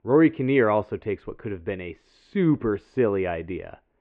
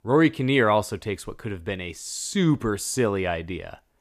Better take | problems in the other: second | muffled; very; fading above 2.5 kHz

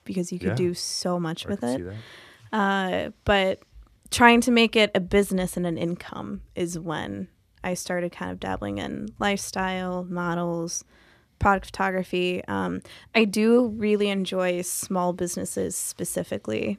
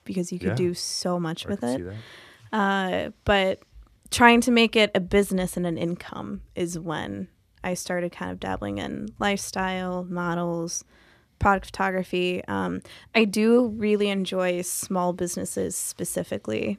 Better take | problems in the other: neither | none

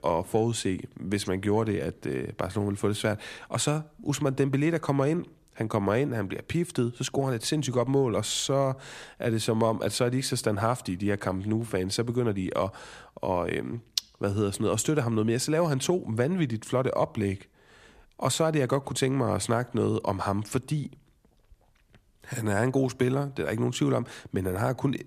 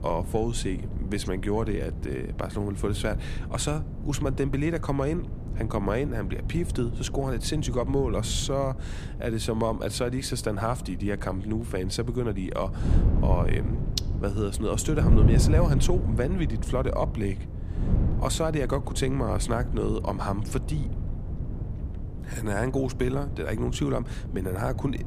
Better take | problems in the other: first | wind noise on the microphone; occasional gusts; 10 dB below the speech

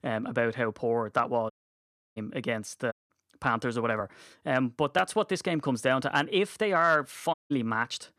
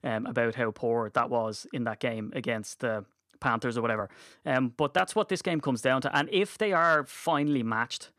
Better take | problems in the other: second | audio cutting out; at 1.5 s for 0.5 s, at 3 s and at 7.5 s

